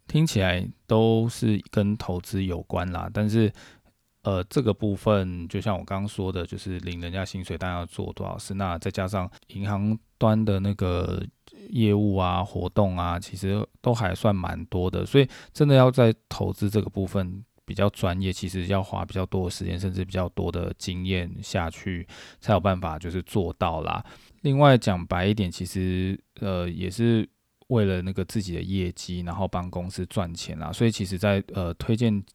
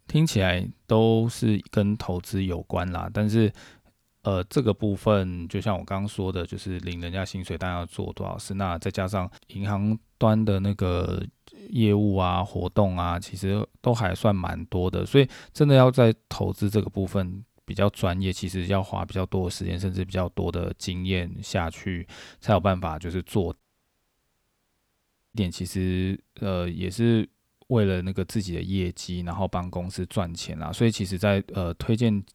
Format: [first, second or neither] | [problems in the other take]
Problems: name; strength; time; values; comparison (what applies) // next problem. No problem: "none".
first | audio cutting out; at 24 s for 1.5 s